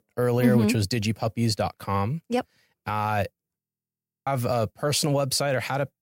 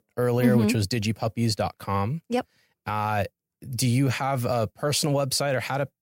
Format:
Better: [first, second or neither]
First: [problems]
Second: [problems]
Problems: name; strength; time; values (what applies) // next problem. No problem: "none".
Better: second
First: audio freezing; at 3.5 s for 0.5 s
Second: none